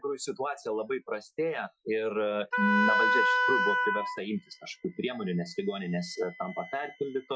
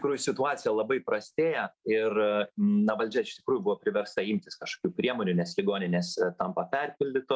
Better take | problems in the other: second | noise reduction (classical method Wiener filter)

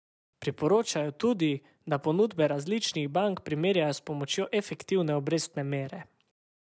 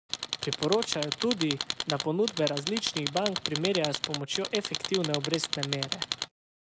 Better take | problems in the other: first | background sound (Tools); 3 dB below the speech

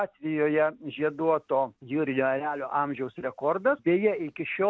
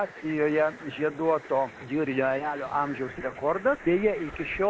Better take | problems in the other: first | noise reduction (neural mask model Resemble Enhance denoiser)

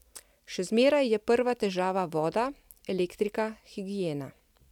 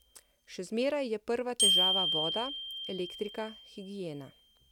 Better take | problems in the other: first | background sound (Glockenspiel); 2 dB above the speech

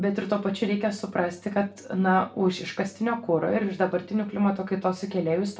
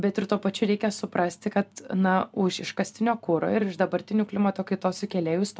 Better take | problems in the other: second | room echo; dies away in 0.3 s

